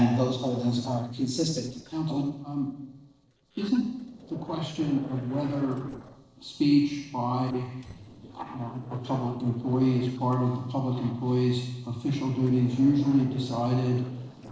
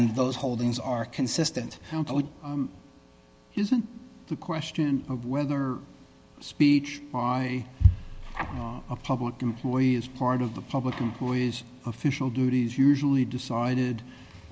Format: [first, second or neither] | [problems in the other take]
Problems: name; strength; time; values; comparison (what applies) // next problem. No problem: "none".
second | noise reduction (neural separator model SepFormer DNS4)